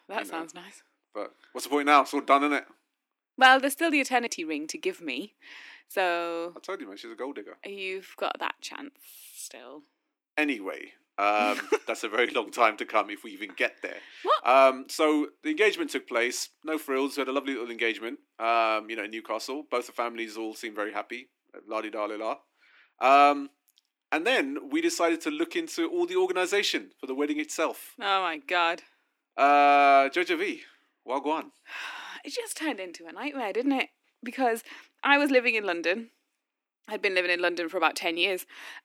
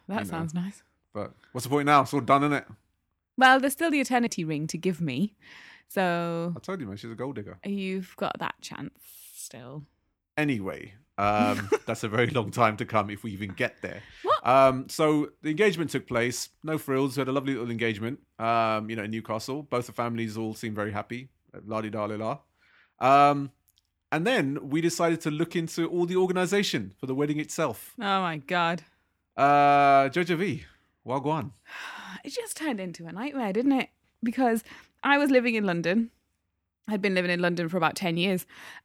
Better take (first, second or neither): second